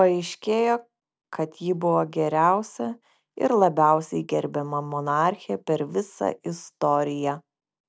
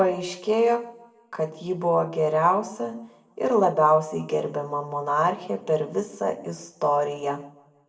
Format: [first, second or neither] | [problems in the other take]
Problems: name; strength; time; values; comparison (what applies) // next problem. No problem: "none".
first | room echo; dies away in 0.6 s